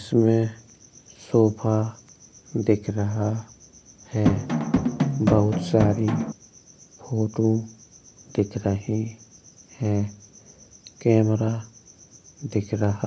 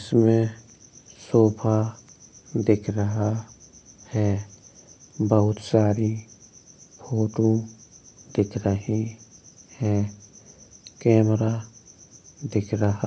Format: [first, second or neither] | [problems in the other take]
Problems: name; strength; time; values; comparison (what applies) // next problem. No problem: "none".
second | background sound (Drum); 1 dB above the speech